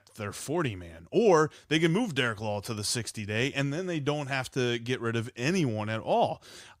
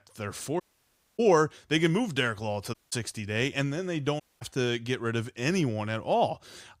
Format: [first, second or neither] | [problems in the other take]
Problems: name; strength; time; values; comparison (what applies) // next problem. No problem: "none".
first | audio cutting out; at 0.5 s for 0.5 s, at 2.5 s and at 4 s